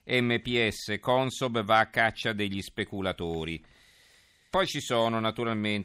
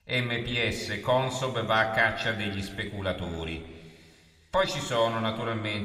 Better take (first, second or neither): first